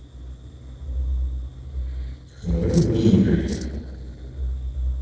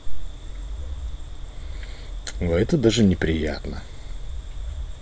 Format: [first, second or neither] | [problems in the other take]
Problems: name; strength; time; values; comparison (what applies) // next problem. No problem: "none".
second | noise reduction (neural separator model SepFormer DNS4)